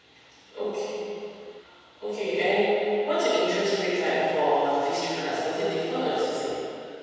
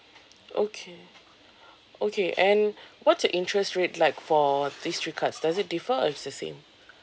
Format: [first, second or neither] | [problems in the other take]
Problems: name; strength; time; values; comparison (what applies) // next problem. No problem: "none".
second | room echo; dies away in 2.1 s